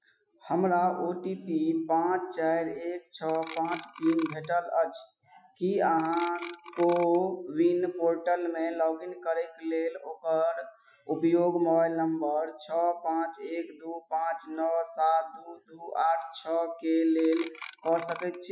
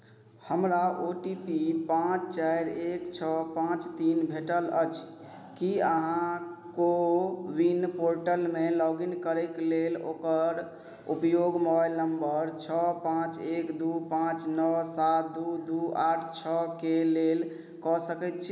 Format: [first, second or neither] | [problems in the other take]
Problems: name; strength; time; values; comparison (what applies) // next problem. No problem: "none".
second | noise reduction (classical method Wiener filter)